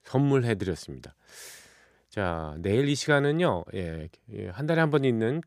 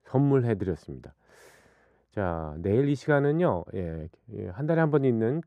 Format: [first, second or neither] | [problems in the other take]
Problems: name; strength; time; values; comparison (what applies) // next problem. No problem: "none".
first | muffled; slightly; fading above 2 kHz